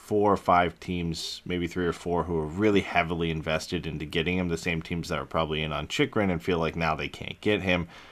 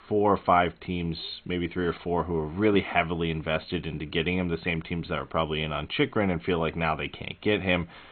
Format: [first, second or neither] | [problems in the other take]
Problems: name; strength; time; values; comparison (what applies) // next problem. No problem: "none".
first | garbled, watery; badly; nothing above 4 kHz